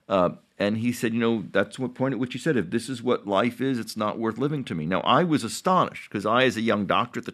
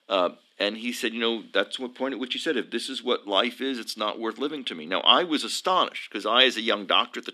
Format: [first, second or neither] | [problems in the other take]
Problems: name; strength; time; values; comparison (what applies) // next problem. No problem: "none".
first | thin; very slightly; fading below 250 Hz